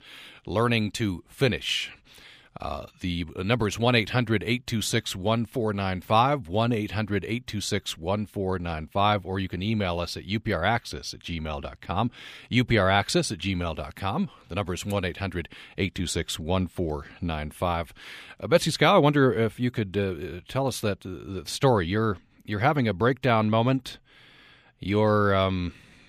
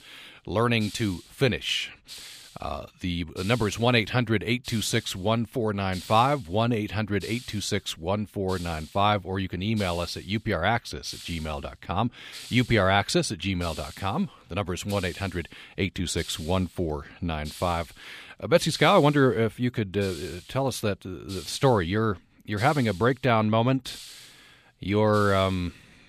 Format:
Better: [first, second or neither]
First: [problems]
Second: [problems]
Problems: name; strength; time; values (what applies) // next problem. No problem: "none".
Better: first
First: none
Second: hiss; noticeable; throughout; 15 dB below the speech